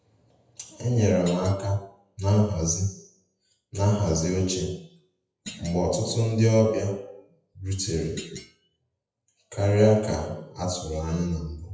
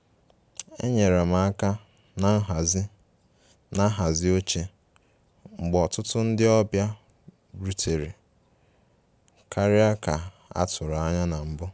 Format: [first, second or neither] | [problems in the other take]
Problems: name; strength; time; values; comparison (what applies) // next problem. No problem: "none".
second | noise reduction (classical method WPE with log-MMSE)